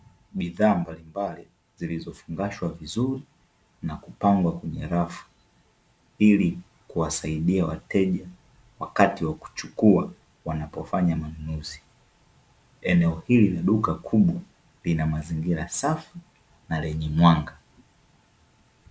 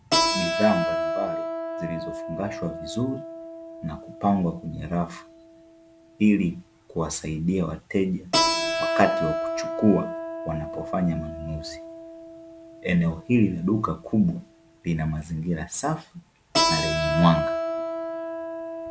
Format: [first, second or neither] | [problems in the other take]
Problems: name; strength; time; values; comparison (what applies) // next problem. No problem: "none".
first | background sound (Keyboard (musical)); 3 dB below the speech